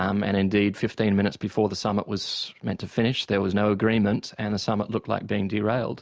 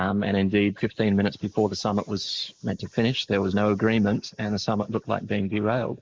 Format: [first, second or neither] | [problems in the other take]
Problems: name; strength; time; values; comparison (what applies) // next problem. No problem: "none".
first | noise reduction (neural mask model Resemble Enhance denoiser)